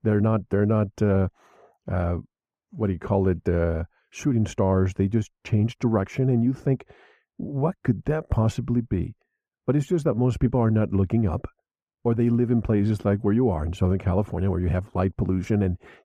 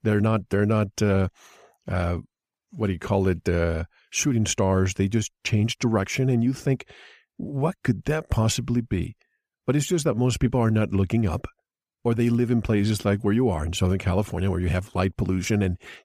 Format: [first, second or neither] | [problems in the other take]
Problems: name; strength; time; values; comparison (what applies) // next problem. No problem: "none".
second | muffled; slightly; fading above 2 kHz